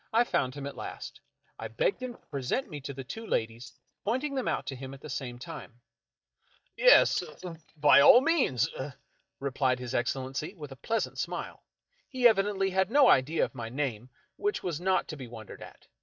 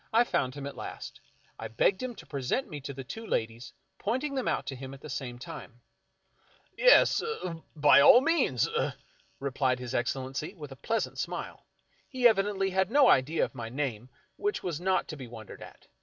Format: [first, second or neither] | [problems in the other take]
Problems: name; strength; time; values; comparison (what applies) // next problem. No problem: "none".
second | noise reduction (neural mask model DeepFilterNet 3)